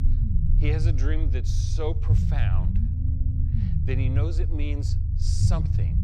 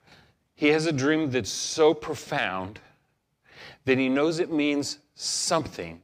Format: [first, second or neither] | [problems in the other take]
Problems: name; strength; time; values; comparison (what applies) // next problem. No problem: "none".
second | low rumble; loud; throughout; 3 dB below the speech